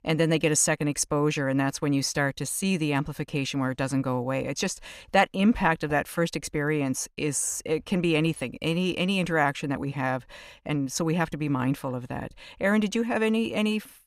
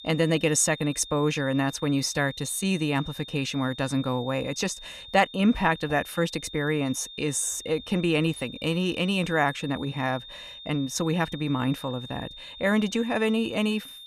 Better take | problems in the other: first | high-pitched whine; noticeable; throughout; 3.5 kHz, 15 dB below the speech

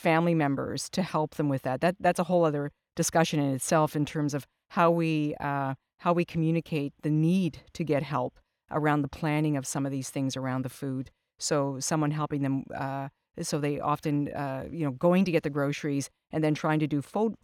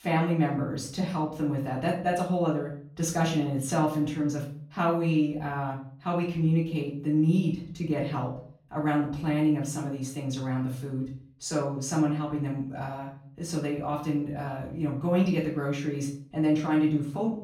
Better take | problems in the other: first | room echo; slight; dies away in 0.4 s // off-mic speech; far

